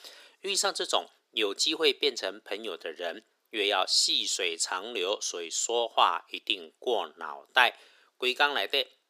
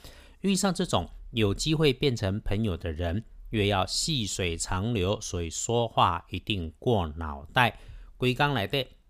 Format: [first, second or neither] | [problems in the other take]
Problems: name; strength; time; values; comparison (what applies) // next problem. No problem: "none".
second | thin; very; fading below 350 Hz